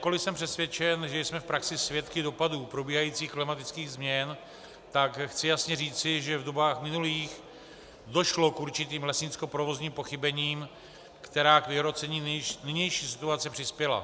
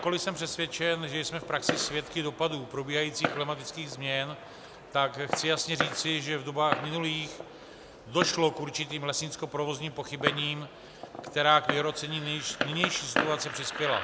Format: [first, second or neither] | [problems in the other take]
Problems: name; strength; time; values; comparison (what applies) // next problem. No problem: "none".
first | background sound (Fireworks); 6 dB below the speech